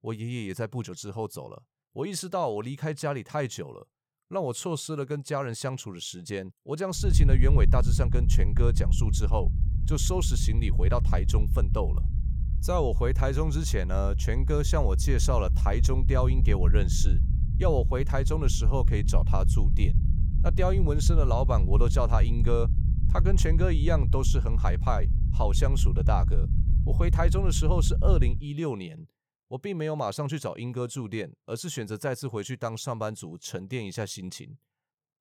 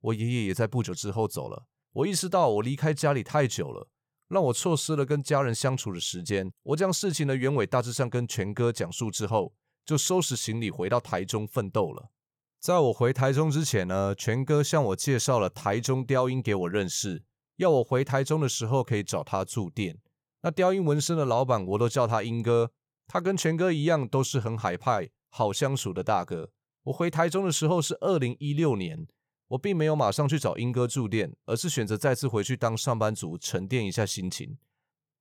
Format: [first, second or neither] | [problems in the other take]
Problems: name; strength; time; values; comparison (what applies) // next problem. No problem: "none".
second | low rumble; noticeable; from 7 to 28 s; 10 dB below the speech